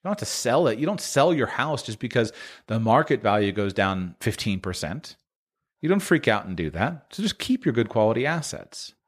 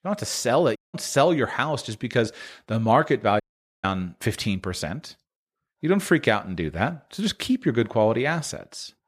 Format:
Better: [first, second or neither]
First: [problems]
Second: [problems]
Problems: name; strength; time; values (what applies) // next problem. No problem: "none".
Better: first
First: none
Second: audio cutting out; at 1 s and at 3.5 s